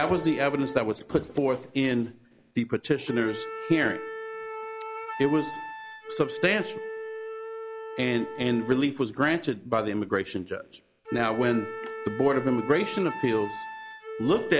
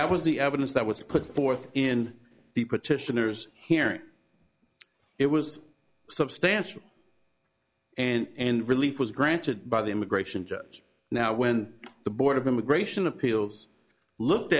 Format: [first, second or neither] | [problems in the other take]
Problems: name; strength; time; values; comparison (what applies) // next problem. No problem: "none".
second | background sound (Wind instrument, woodwind instrument); 10 dB below the speech